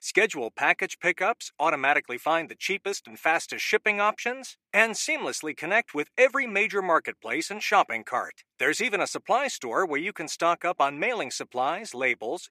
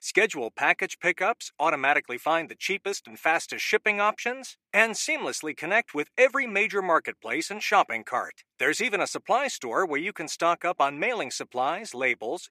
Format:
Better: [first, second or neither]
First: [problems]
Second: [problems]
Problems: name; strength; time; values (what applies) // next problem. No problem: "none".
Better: neither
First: thin; somewhat; fading below 400 Hz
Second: thin; somewhat; fading below 400 Hz